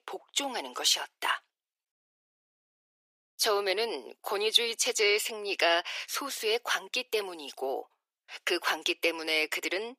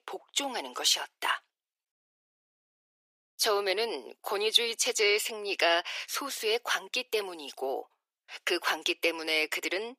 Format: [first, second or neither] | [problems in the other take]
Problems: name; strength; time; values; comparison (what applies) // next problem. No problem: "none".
neither | thin; very; fading below 350 Hz; the same in both